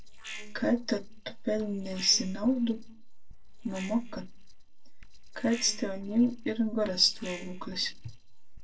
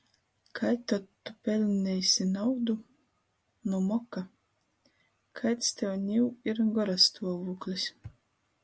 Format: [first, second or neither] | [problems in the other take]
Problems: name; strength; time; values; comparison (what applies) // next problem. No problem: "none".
second | noise reduction (neural separator model SepFormer DNS4)